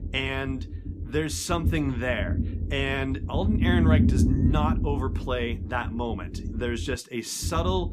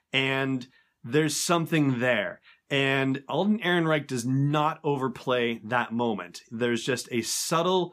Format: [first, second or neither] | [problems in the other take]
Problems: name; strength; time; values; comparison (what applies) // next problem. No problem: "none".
second | low rumble; loud; throughout; 7 dB below the speech